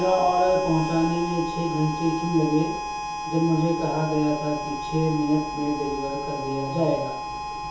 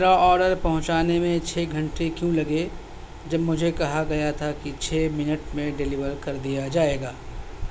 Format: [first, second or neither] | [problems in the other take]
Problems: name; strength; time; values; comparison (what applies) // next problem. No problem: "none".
second | background sound (Harmonica); 7 dB below the speech // room echo; dies away in 0.6 s